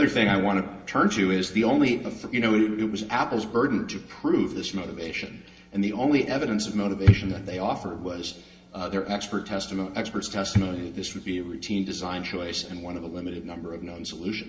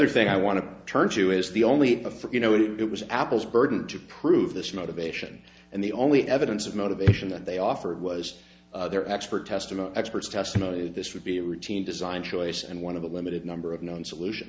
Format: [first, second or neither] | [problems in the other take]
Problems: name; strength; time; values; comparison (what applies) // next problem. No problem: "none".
second | room echo; dies away in 1.7 s